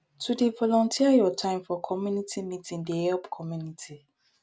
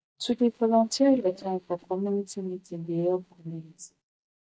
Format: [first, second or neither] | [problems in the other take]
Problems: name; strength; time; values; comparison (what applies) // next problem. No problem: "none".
first | noise reduction (neural mask model DeepFilterNet 3)